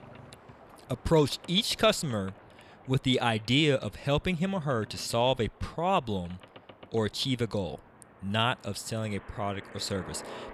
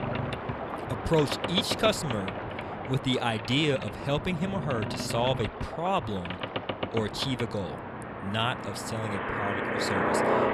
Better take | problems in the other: first | train or aircraft noise; loud; throughout; 3 dB below the speech; faint in the first

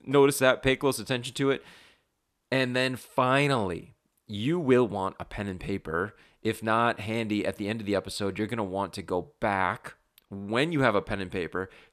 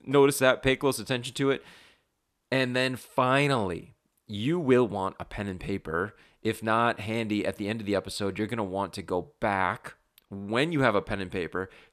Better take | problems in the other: neither | none

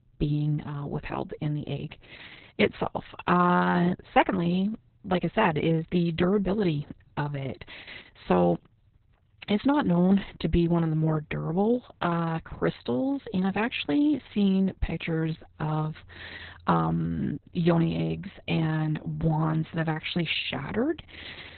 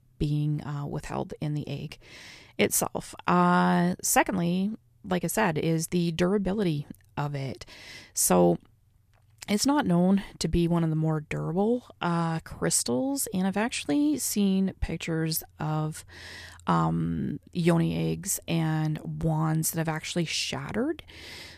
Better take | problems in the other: second | garbled, watery; badly; nothing above 4 kHz

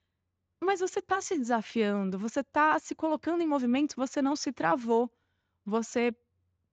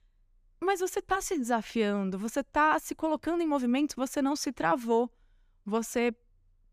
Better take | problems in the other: second | garbled, watery; slightly; nothing above 7.5 kHz

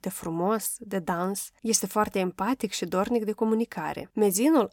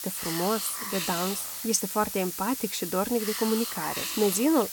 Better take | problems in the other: first | hiss; loud; throughout; 3 dB below the speech

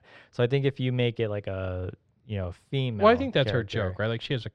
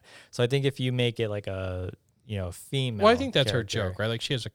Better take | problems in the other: second | muffled; slightly; fading above 2.5 kHz

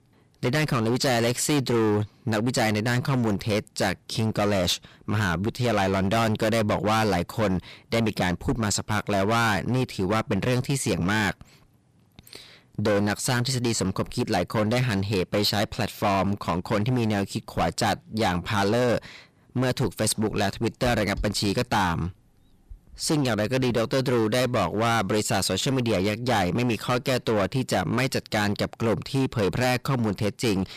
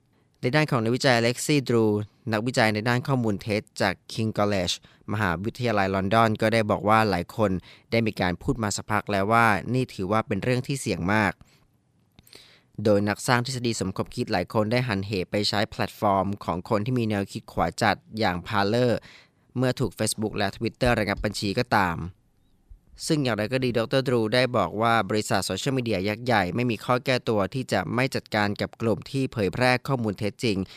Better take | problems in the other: second | distortion; heavy; 18% of the sound clipped

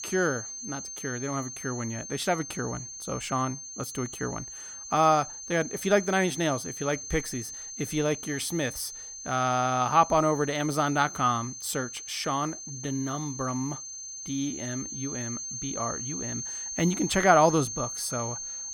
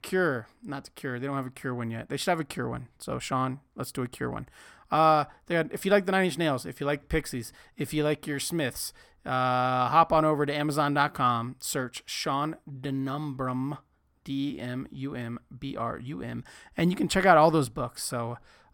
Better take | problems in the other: second | high-pitched whine; loud; throughout; 6.5 kHz, 8 dB below the speech

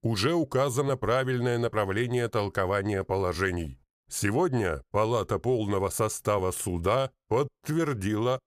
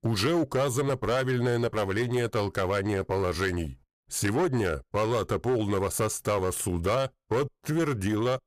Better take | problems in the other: first | distortion; slight; 11% of the sound clipped

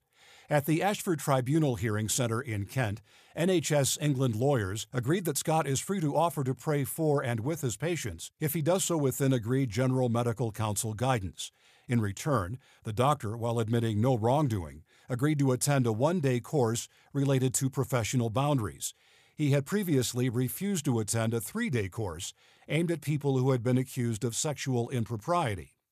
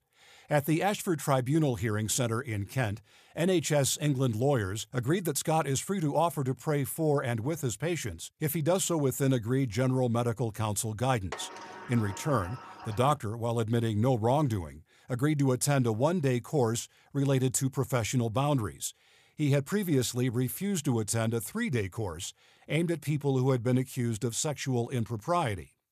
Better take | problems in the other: first | door banging; faint; from 11 to 13 s; peak 10 dB below the speech

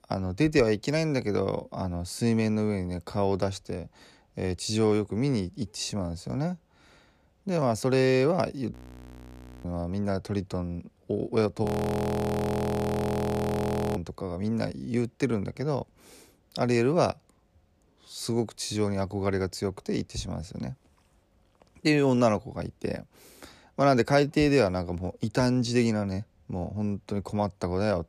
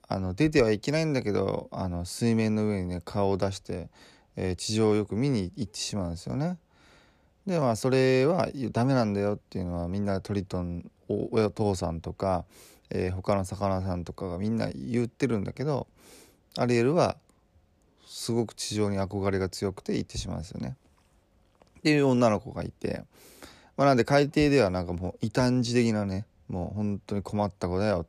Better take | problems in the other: second | audio freezing; at 8.5 s for 1 s and at 12 s for 2.5 s

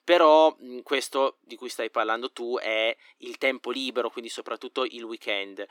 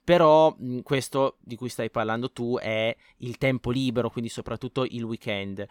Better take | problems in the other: second | thin; somewhat; fading below 300 Hz

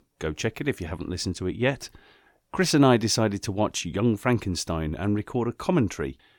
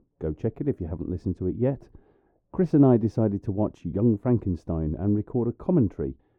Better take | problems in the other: first | muffled; very; fading above 1.5 kHz

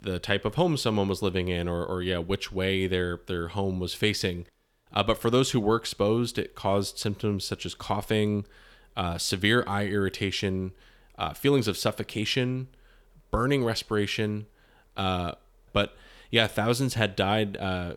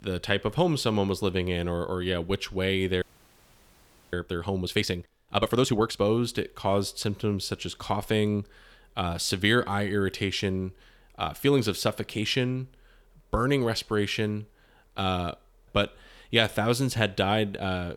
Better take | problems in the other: first | audio freezing; at 3 s for 1 s

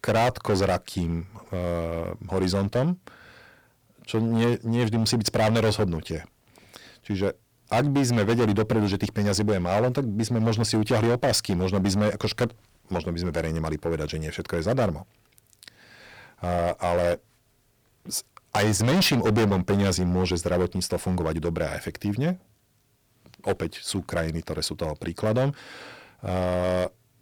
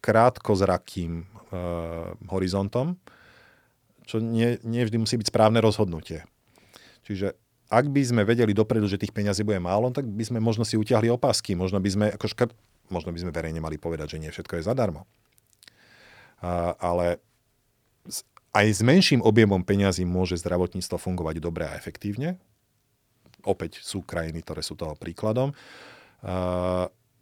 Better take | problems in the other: second | distortion; heavy; 10% of the sound clipped

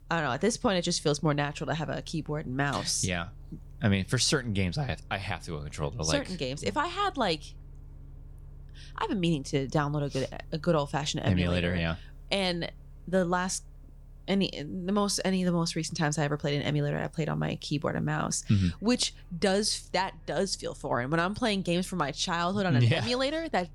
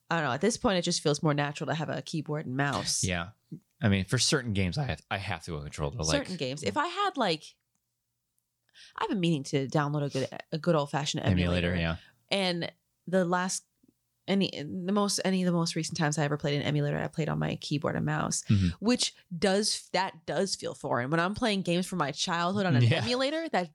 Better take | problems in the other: second | traffic noise; faint; throughout; 20 dB below the speech

